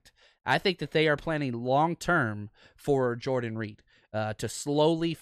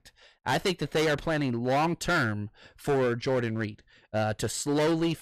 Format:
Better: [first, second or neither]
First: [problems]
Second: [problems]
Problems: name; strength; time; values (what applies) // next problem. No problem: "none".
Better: first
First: none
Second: distortion; heavy; 14% of the sound clipped